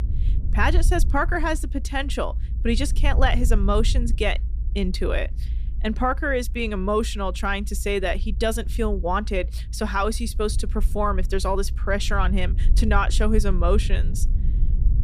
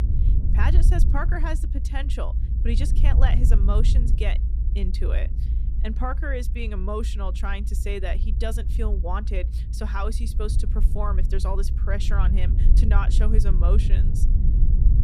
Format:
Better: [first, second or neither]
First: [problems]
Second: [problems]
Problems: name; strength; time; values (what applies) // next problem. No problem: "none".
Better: first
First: low rumble; faint; throughout; 20 dB below the speech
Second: low rumble; loud; throughout; 8 dB below the speech